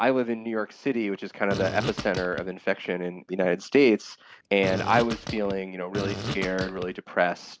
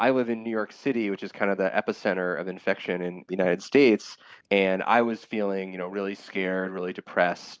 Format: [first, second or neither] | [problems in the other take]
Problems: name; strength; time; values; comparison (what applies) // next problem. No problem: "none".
second | background sound (Fart); 7 dB below the speech